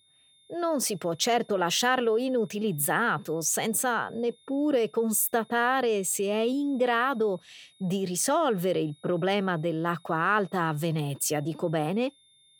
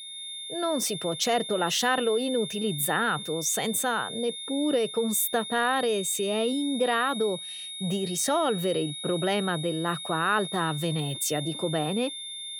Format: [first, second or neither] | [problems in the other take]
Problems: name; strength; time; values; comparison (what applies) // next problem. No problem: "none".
first | high-pitched whine; loud; throughout; 3.5 kHz, 8 dB below the speech; faint in the first